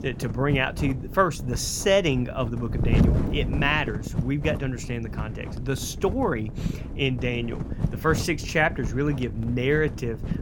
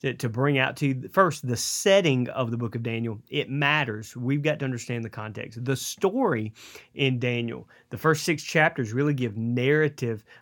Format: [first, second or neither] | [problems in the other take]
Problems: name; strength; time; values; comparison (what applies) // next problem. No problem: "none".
second | wind noise on the microphone; occasional gusts; 15 dB below the speech